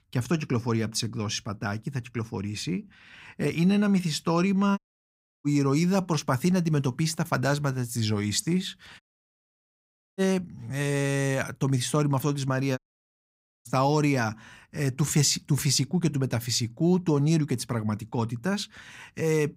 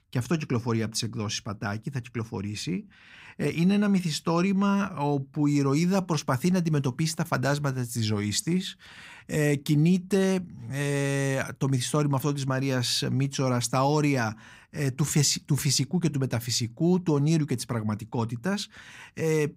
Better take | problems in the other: second | audio cutting out; at 5 s for 0.5 s, at 9 s for 1 s and at 13 s for 1 s

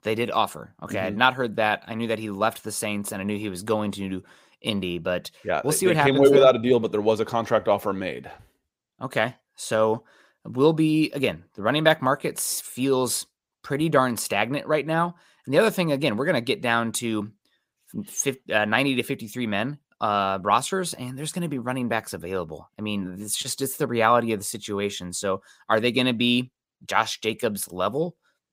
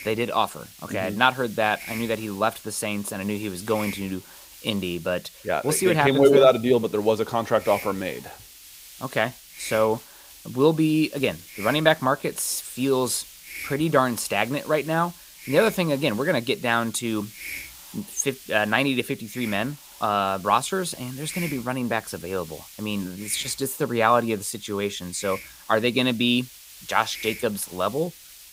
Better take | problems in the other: first | hiss; noticeable; throughout; 15 dB below the speech

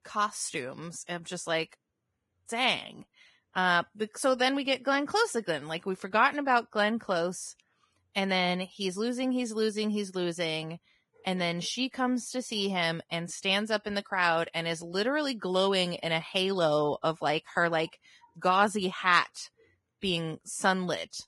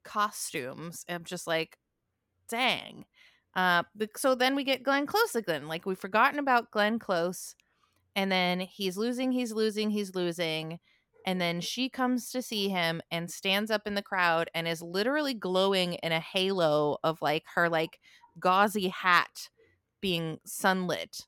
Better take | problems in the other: second | garbled, watery; badly; nothing above 11 kHz

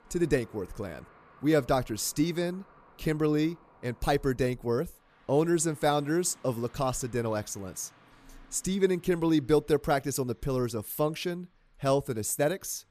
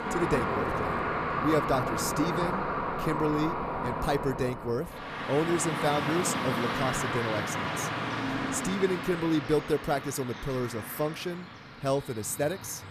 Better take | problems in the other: first | traffic noise; loud; throughout; 1 dB below the speech; faint in the first

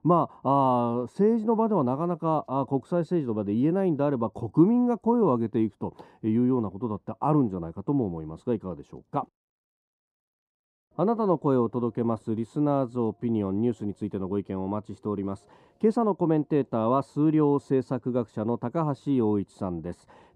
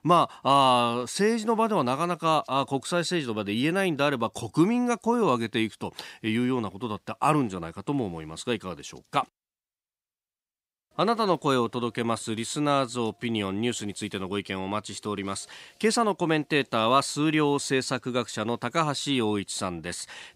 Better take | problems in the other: second | muffled; very; fading above 1 kHz

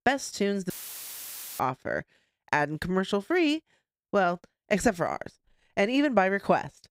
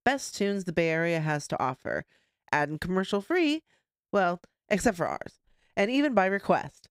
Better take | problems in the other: second | audio cutting out; filled with static; at 0.5 s for 1 s

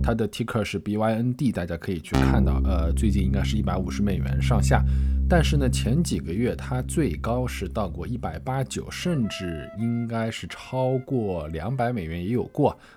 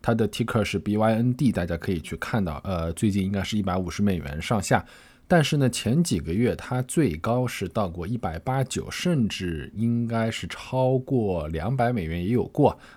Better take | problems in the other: second | background music; very loud; throughout; as loud as the speech

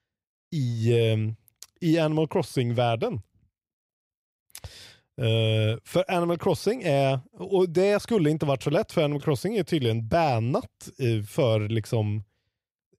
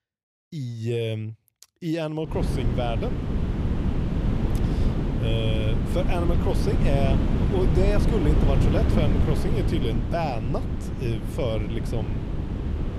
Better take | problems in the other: first | wind noise on the microphone; heavy; from 2.5 s on; 3 dB below the speech

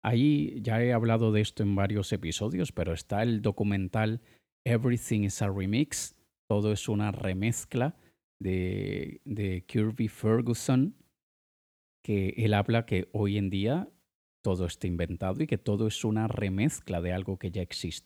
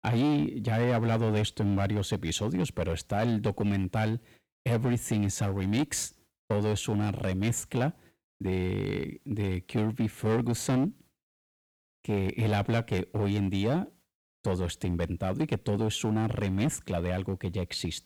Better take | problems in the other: first | distortion; slight; 9% of the sound clipped

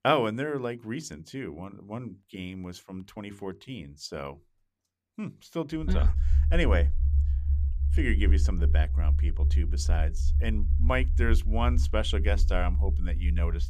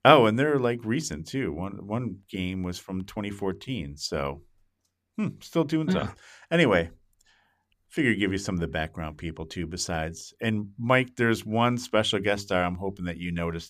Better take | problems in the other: second | low rumble; noticeable; from 6 s on; 10 dB below the speech

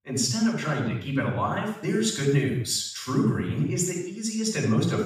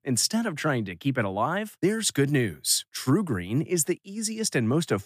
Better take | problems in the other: second | room echo; noticeable; dies away in 0.6 s // off-mic speech; far

